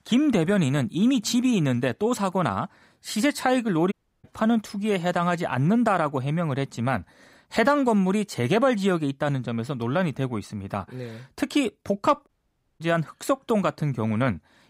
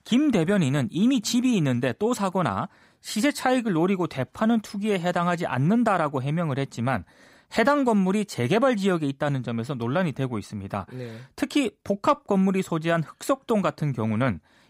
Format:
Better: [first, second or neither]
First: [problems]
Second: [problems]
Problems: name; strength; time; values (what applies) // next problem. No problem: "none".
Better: second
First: audio cutting out; at 4 s and at 12 s for 0.5 s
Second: none